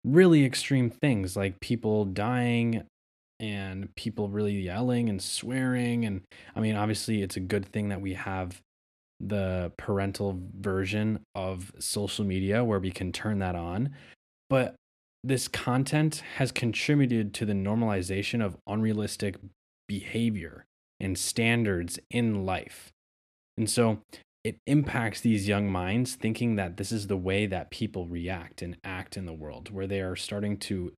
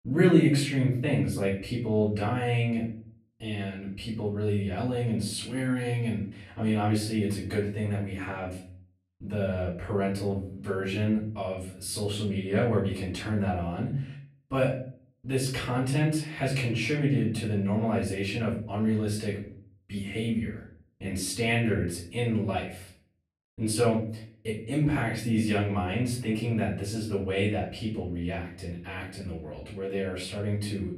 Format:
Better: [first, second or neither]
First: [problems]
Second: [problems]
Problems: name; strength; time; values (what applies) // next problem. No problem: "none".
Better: first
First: none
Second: off-mic speech; far // room echo; slight; dies away in 0.4 s